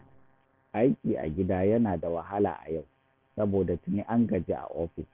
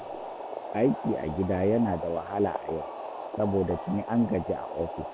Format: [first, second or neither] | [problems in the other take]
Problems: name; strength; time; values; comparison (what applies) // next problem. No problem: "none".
first | background sound (Boiling); 8 dB below the speech